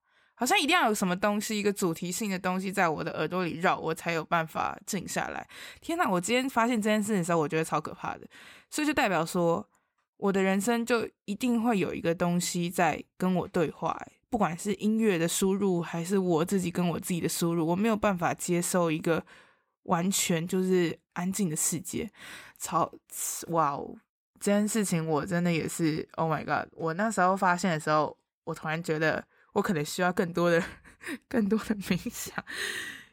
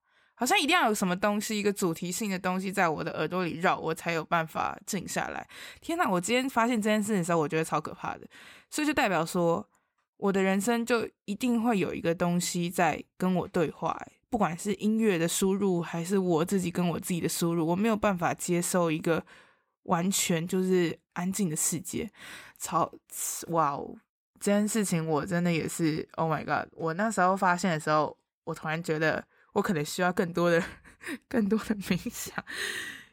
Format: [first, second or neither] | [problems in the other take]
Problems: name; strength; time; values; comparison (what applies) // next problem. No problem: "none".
neither | none